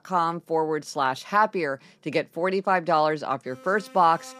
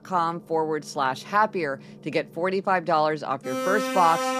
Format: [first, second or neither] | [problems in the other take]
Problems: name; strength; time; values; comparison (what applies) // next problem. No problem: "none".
first | background music; loud; throughout; 3 dB below the speech; faint in the first